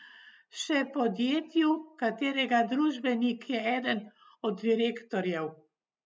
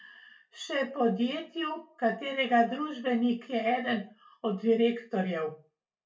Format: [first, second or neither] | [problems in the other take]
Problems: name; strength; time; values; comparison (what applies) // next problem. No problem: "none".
first | room echo; dies away in 0.2 s